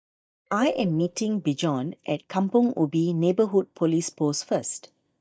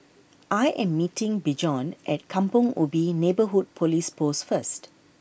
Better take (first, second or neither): second